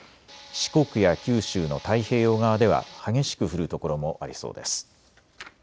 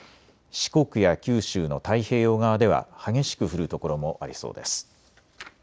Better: second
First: background sound (Tools); 20 dB below the speech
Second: none

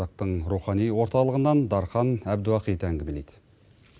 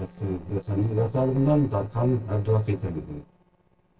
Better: first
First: none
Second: noise reduction (neural separator model SepFormer DNS4)

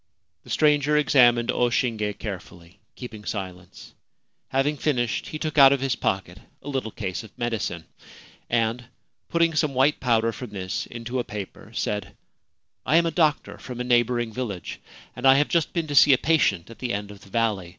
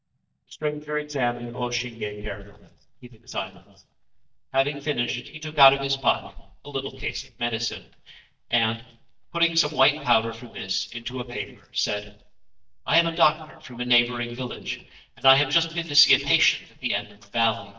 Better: first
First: none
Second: noise reduction (neural mask model DeepFilterNet 3)

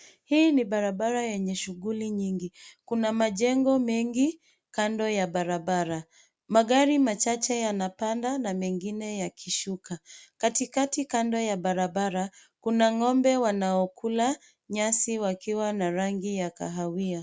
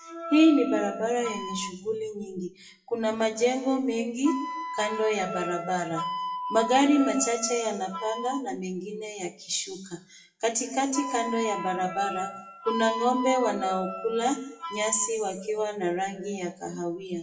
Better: first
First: none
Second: noise reduction (classical method WPE with log-MMSE)

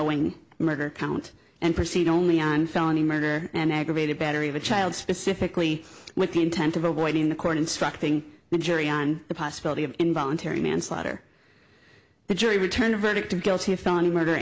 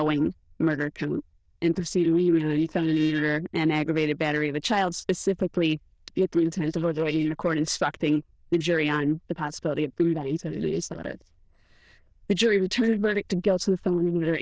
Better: first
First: none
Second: noise reduction (neural diffusion model UNIVERSE++)

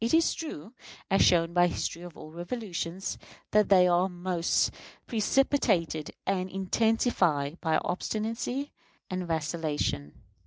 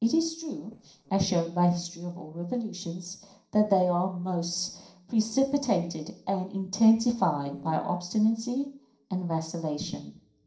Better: first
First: none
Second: noise reduction (neural separator model SepFormer DNS4)

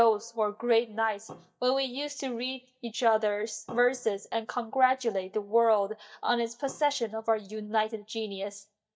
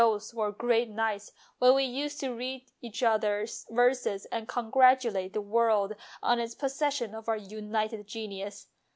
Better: second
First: noise reduction (neural mask model DeepFilterNet 3)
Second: none

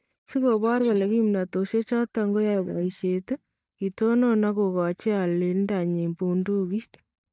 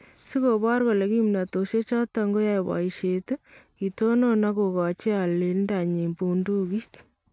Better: second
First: noise reduction (neural mask model DeepFilterNet 3)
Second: none

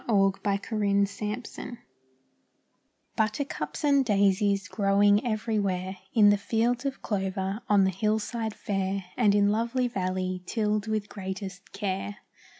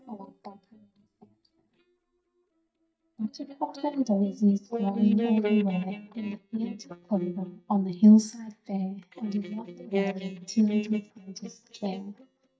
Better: first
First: none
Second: noise reduction (neural mask model DeepFilterNet 3)

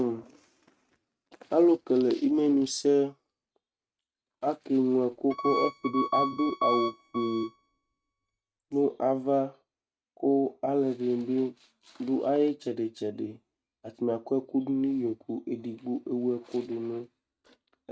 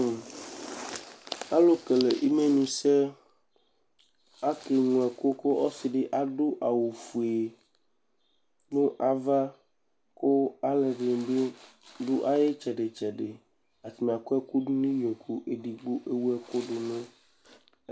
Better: second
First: noise reduction (neural mask model RNNoise)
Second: none

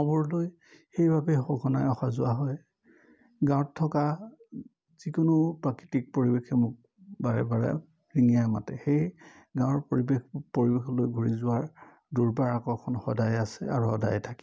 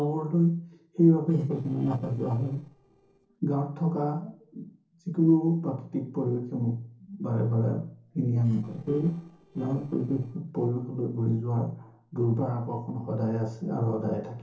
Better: first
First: none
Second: noise reduction (neural separator model SepFormer DNS4)

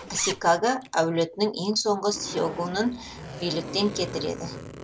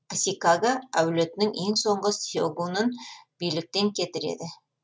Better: second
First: background sound (Zipper (clothing)); 12 dB below the speech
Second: none

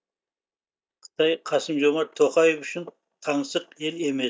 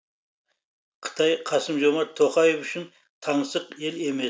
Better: second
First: noise reduction (neural mask model DeepFilterNet 3)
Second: none

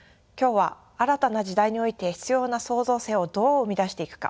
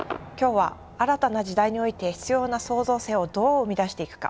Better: first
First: none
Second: background sound (Crowd / Cheering / Fireworks); 17 dB below the speech

